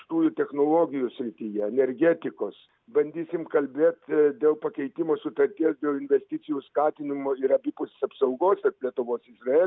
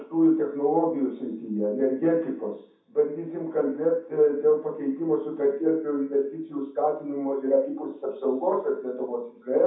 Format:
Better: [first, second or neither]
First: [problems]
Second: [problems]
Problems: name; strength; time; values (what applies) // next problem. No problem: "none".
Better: first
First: none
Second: room echo; dies away in 0.7 s